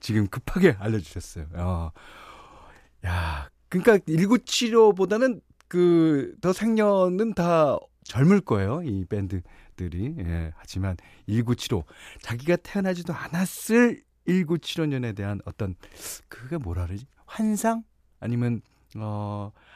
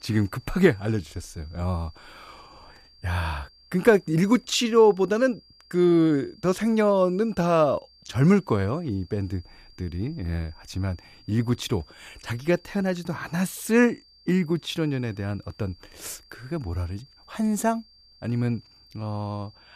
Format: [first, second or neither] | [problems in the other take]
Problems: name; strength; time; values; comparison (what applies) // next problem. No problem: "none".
first | high-pitched whine; faint; throughout; 4.5 kHz, 30 dB below the speech